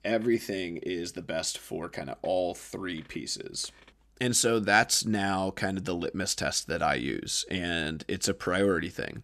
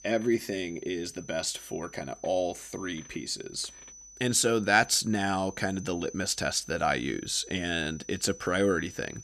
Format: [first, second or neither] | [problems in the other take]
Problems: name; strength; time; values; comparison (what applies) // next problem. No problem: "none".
first | high-pitched whine; noticeable; throughout; 6 kHz, 20 dB below the speech